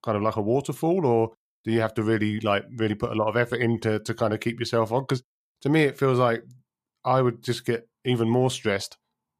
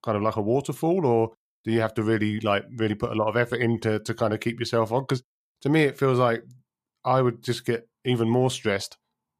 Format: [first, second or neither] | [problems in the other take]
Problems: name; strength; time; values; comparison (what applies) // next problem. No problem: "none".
neither | none